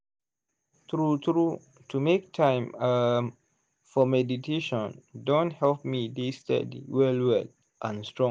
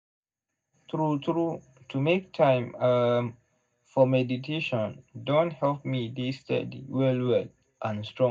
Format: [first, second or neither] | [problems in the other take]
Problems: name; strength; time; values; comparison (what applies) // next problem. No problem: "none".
first | room echo; dies away in 0.3 s